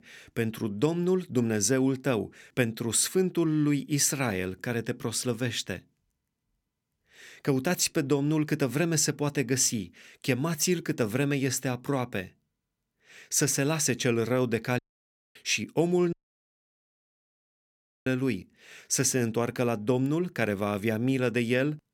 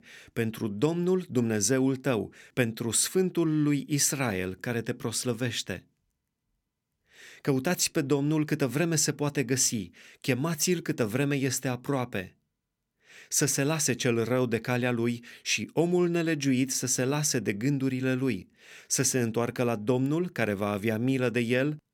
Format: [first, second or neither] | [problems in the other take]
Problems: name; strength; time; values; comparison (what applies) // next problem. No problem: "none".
second | audio cutting out; at 15 s for 0.5 s and at 16 s for 2 s